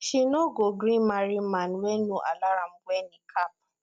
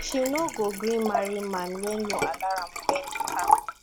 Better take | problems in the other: first | background sound (Liquid); 1 dB below the speech

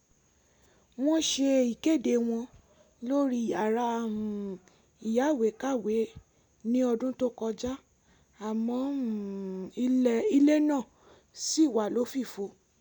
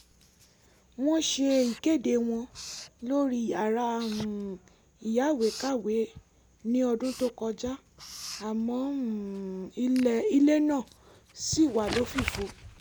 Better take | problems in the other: first | background sound (Writing); 15 dB below the speech

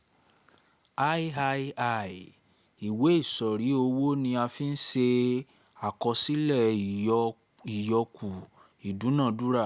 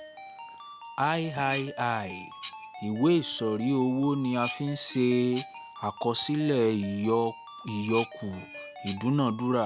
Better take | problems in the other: first | background sound (Dishes, pots, and pans + Ringtone); 14 dB below the speech

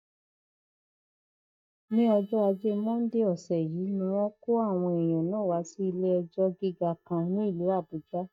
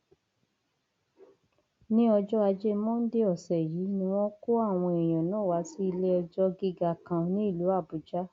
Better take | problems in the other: second | noise reduction (neural mask model DeepFilterNet 3)

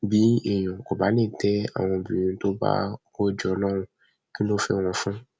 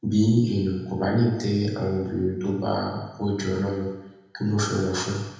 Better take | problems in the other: first | room echo; dies away in 1 s

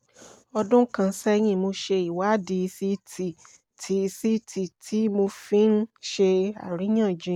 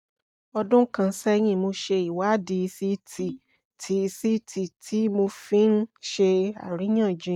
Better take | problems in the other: first | noise reduction (neural mask model DeepFilterNet 3)

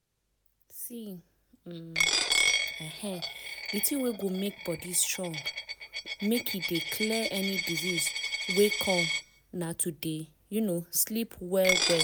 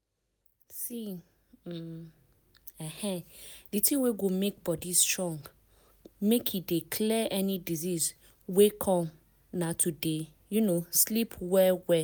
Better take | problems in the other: second | background sound (Coin (dropping)); 1 dB below the speech

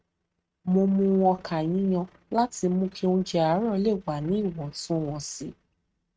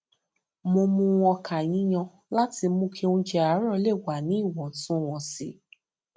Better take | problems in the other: second | noise reduction (neural mask model RNNoise)

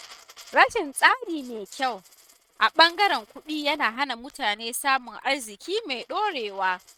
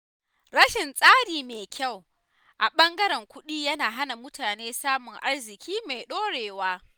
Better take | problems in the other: second | noise reduction (neural mask model RNNoise)

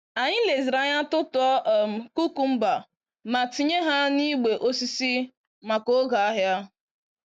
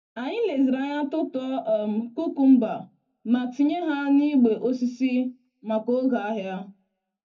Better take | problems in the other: first | room echo; dies away in 0.3 s

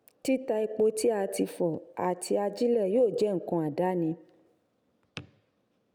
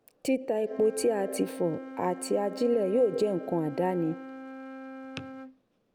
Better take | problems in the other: first | background sound (Wind instrument, woodwind instrument); 13 dB below the speech

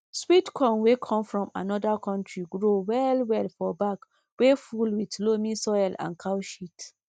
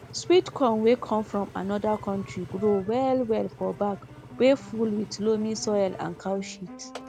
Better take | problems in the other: first | background sound (Engine); 17 dB below the speech

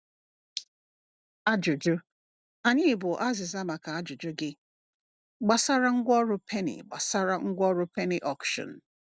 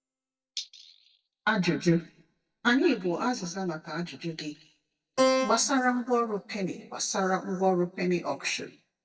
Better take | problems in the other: first | noise reduction (neural mask model DeepFilterNet 3)

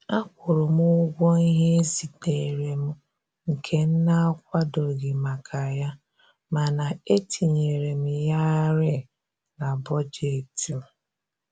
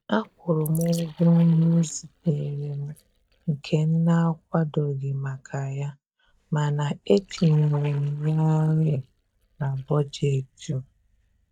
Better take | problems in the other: first | noise reduction (neural mask model DeepFilterNet 3)

